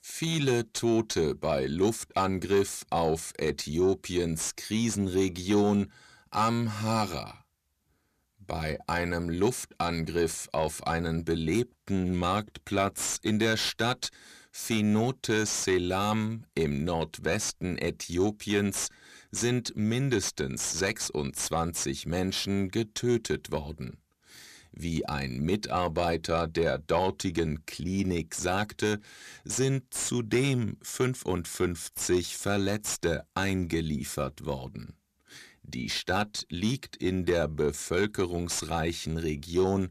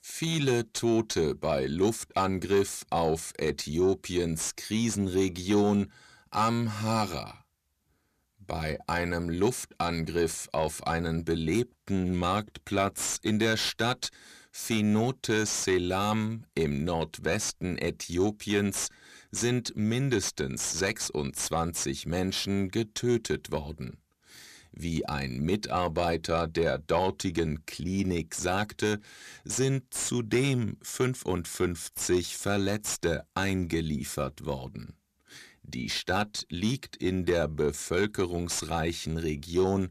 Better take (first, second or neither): neither